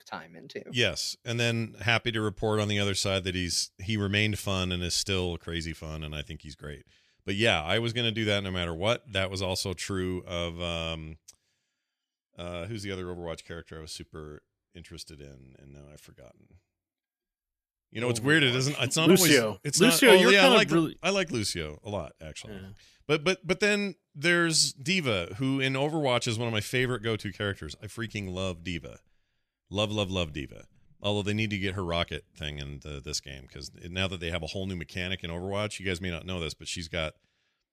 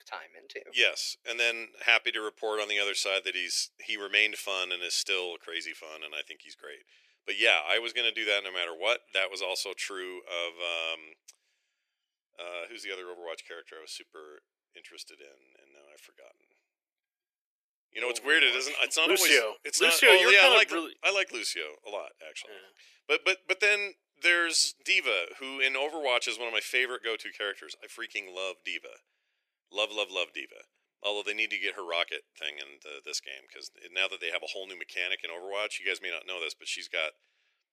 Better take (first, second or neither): first